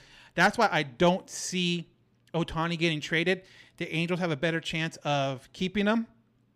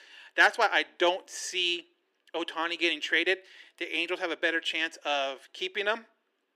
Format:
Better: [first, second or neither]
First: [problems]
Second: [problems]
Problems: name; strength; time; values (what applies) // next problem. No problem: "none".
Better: first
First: none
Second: thin; very; fading below 350 Hz